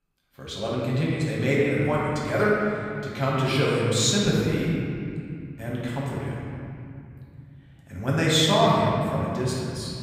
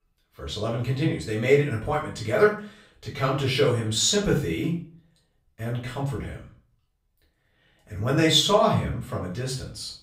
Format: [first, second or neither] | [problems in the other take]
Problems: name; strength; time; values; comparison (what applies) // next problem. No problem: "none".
second | room echo; strong; dies away in 2.8 s; slight in the second // off-mic speech; far; far in the second